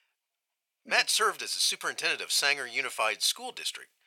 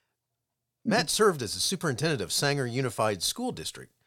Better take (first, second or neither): second